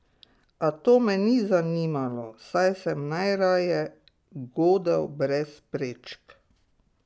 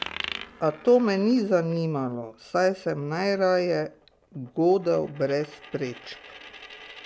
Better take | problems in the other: first | background sound (Coin (dropping)); 17 dB below the speech

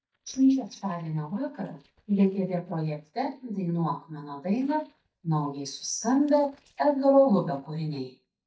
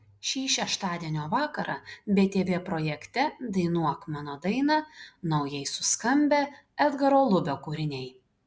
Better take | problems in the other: second | noise reduction (neural mask model DeepFilterNet 3)

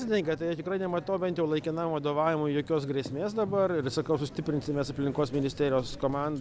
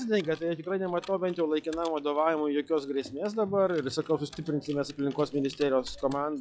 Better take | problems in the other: first | noise reduction (classical method log-MMSE)

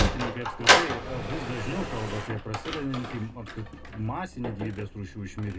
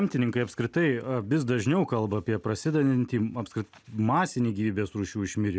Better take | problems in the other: second | background sound (Sliding door); 4 dB above the speech // room echo; dies away in 0.2 s

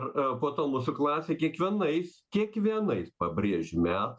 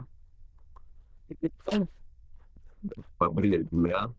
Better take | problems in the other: first | noise reduction (neural diffusion model UNIVERSE++)

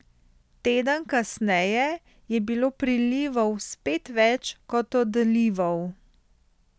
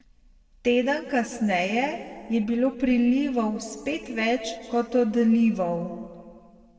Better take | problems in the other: first | room echo; dies away in 1.7 s

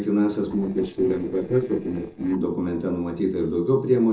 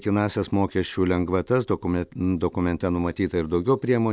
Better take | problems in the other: second | noise reduction (neural separator model SepFormer DNS4)

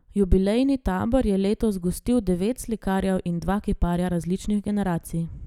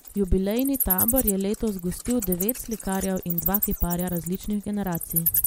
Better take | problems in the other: first | background sound (Wild animals); 3 dB below the speech

